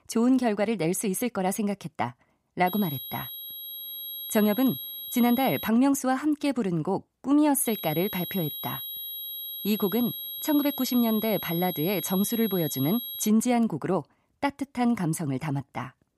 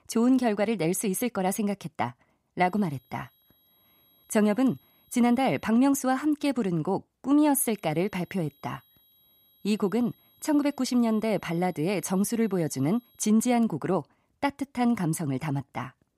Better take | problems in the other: second | high-pitched whine; loud; from 2.5 to 5.5 s and from 7.5 to 13 s; 11.5 kHz, 7 dB below the speech; faint in the second

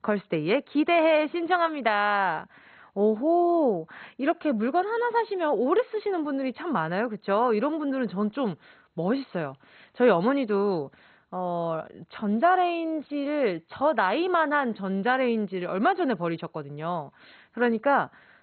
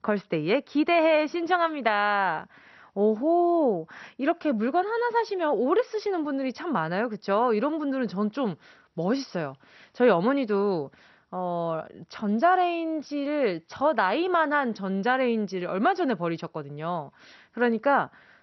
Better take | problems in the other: second | garbled, watery; badly; nothing above 4 kHz; slightly in the second

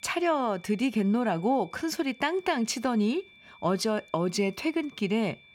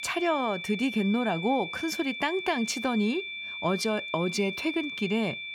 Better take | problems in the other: first | high-pitched whine; loud; throughout; 2.5 kHz, 6 dB below the speech; faint in the first

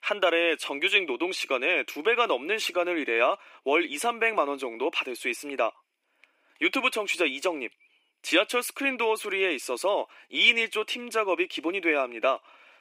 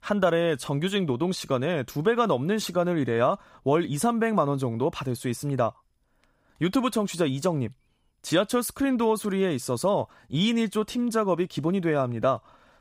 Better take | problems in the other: second | thin; somewhat; fading below 300 Hz

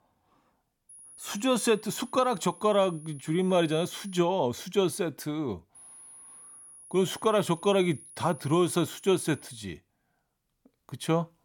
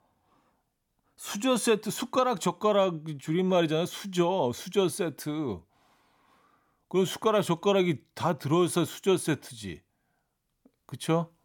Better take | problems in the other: second | high-pitched whine; faint; from 1 to 4 s and from 6 to 9.5 s; 10.5 kHz, 20 dB below the speech

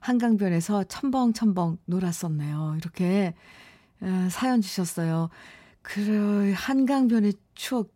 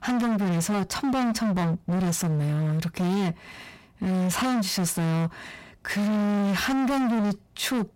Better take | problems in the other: first | distortion; heavy; 41% of the sound clipped

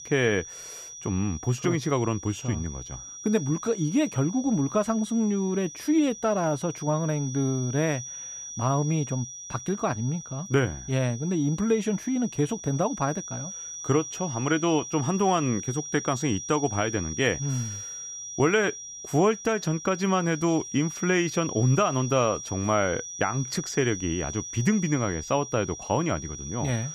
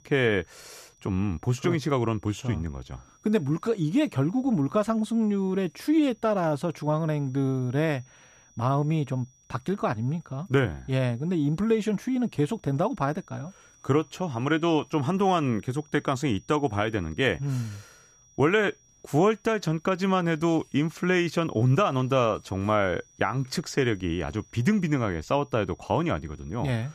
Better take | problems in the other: second | high-pitched whine; loud; throughout; 5.5 kHz, 10 dB below the speech; faint in the second

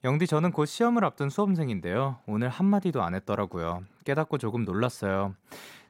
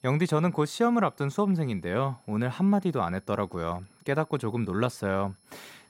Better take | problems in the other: first | high-pitched whine; faint; throughout; 11 kHz, 35 dB below the speech

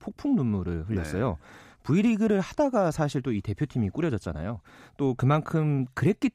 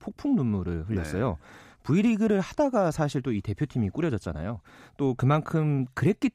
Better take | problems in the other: neither | none

